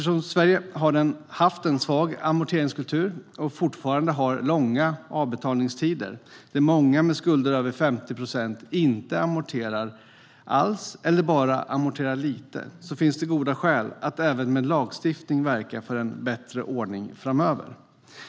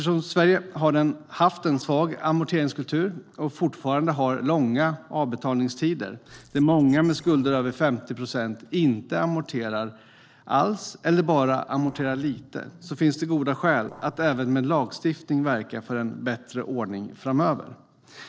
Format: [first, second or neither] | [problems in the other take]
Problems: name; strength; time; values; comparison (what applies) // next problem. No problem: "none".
first | noise reduction (neural separator model SepFormer DNS4)